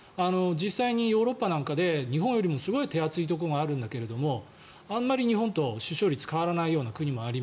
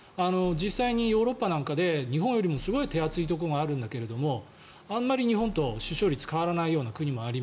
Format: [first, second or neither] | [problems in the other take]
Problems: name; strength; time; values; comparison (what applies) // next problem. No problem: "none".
first | background sound (Alarm); 16 dB below the speech